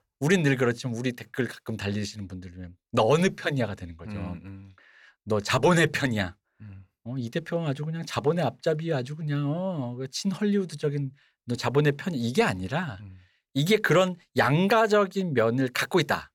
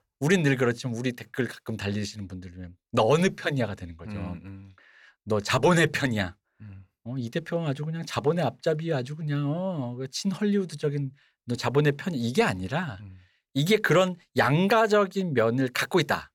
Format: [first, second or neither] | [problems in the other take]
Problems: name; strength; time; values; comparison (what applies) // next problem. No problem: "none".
neither | none